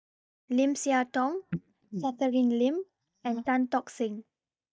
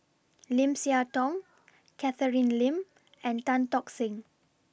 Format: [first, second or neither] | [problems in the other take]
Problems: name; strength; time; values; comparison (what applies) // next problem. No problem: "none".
second | noise reduction (neural mask model DeepFilterNet 3)